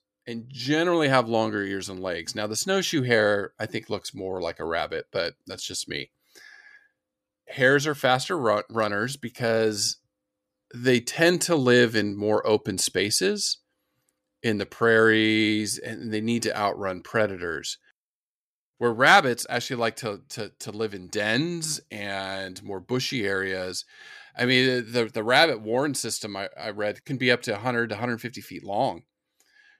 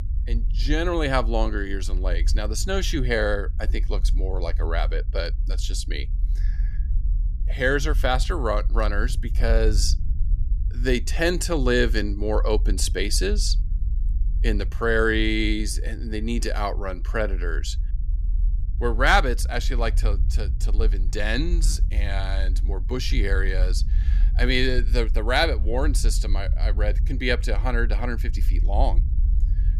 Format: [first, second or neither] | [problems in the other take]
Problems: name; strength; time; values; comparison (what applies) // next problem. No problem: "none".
first | low rumble; faint; throughout; 20 dB below the speech